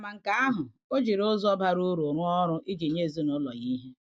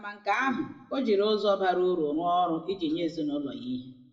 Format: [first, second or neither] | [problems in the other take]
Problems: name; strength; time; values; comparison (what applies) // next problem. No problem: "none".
first | room echo; dies away in 0.6 s